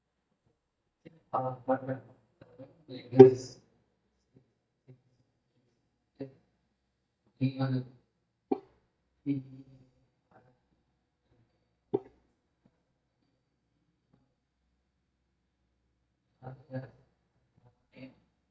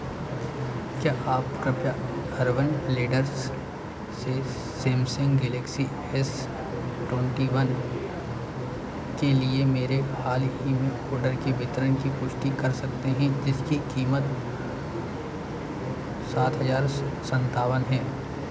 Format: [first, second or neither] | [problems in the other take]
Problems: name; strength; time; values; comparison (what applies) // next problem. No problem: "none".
second | noise reduction (neural mask model DeepFilterNet 3)